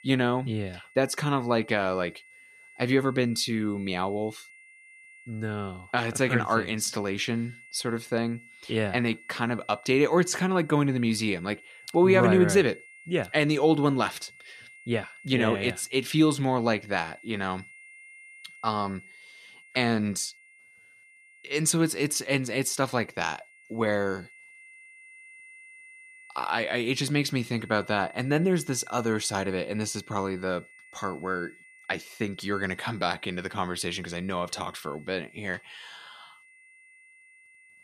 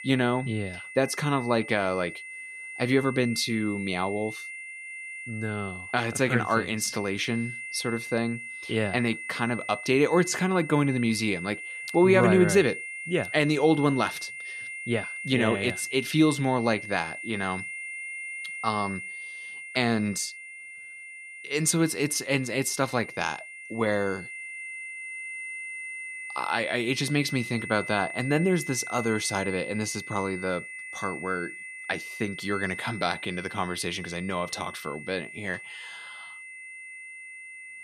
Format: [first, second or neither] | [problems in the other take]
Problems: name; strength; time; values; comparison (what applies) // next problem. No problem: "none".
first | high-pitched whine; loud; throughout; 2 kHz, 10 dB below the speech; faint in the first